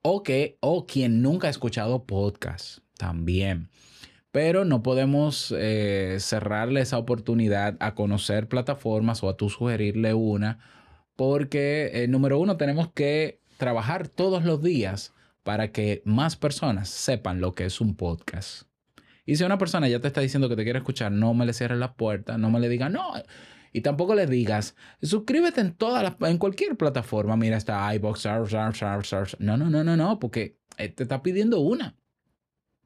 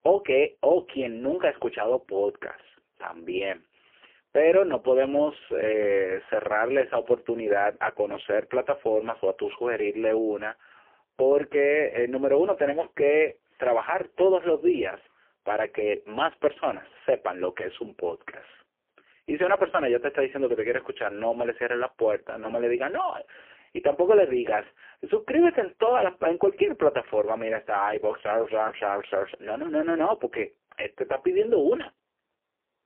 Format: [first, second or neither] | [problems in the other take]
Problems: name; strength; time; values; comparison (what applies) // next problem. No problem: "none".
first | phone-call audio; poor line; nothing above 3 kHz